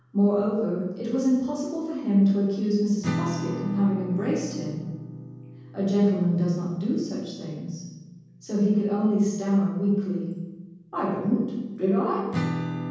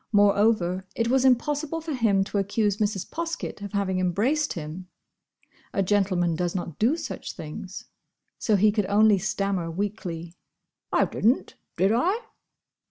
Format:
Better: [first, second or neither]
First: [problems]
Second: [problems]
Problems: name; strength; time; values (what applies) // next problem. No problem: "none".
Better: second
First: background sound (Acoustic guitar / Strum); 12 dB below the speech // room echo; dies away in 1.3 s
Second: none